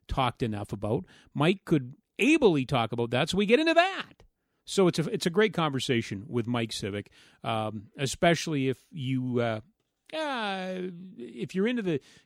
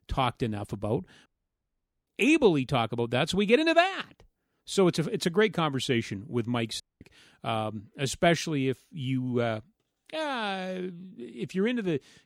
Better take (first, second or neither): first